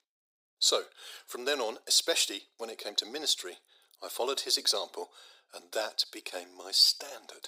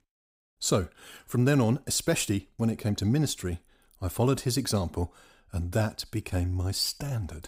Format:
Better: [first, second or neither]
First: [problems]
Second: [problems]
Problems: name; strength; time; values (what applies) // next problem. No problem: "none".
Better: second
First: thin; very; fading below 400 Hz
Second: none